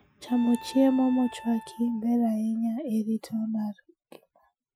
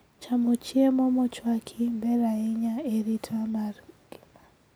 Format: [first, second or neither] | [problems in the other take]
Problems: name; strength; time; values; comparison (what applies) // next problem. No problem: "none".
second | noise reduction (classical method Wiener filter)